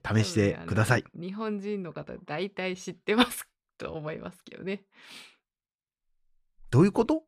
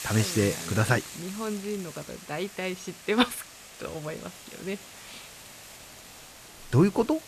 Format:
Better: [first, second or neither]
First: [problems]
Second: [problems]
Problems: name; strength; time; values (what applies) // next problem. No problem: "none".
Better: first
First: none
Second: hiss; noticeable; throughout; 10 dB below the speech